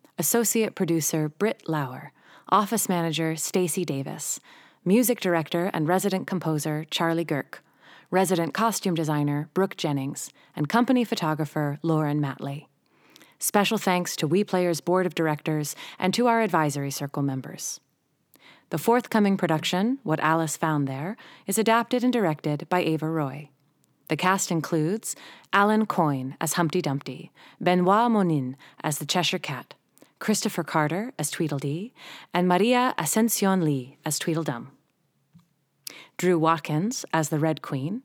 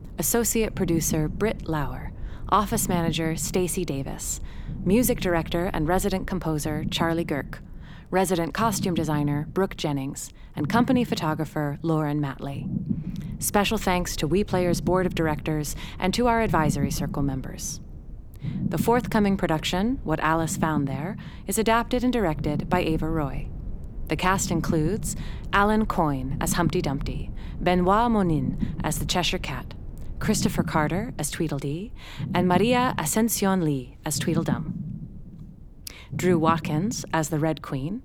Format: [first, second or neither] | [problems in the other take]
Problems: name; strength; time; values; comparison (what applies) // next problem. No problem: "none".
first | low rumble; noticeable; throughout; 15 dB below the speech